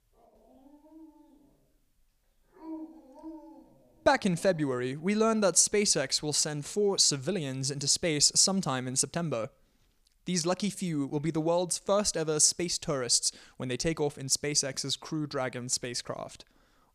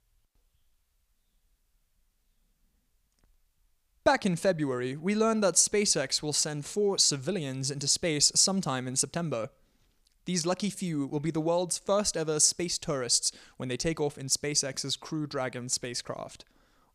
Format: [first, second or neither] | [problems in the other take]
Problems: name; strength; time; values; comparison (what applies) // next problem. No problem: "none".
second | dog barking; faint; from 0.5 to 4.5 s; peak 15 dB below the speech